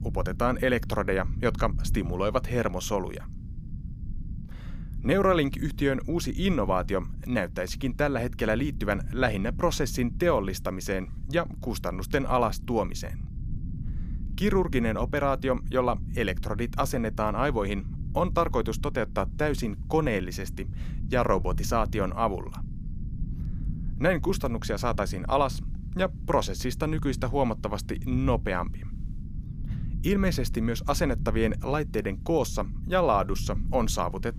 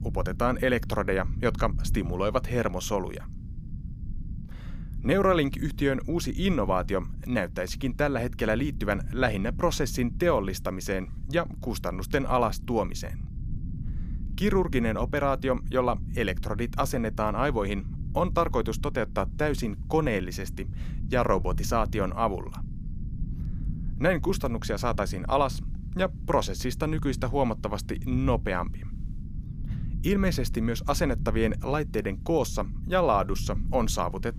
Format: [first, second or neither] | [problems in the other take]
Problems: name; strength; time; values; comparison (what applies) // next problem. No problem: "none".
neither | low rumble; faint; throughout; 20 dB below the speech; the same in both